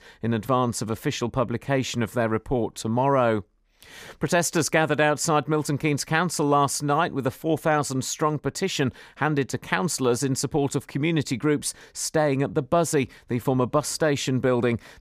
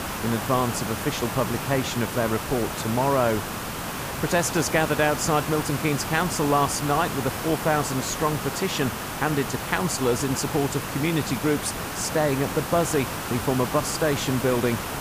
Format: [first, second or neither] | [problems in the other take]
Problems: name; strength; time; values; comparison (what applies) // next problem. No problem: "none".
first | hiss; loud; throughout; 5 dB below the speech